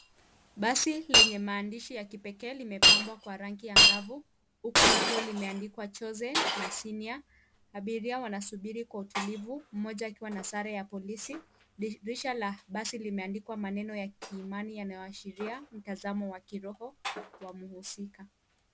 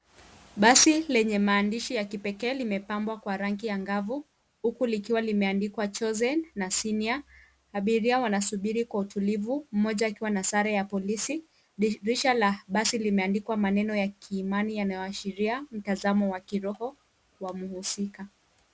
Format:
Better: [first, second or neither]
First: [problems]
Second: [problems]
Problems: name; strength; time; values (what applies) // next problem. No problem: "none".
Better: second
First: background sound (Shatter); 5 dB above the speech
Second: none